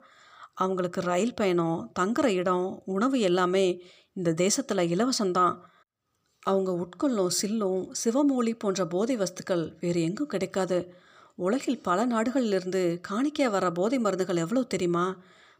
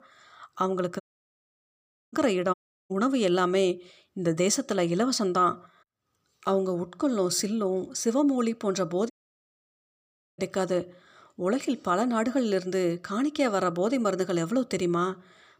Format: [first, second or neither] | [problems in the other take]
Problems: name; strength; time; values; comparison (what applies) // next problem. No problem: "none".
first | audio cutting out; at 1 s for 1 s, at 2.5 s and at 9 s for 1.5 s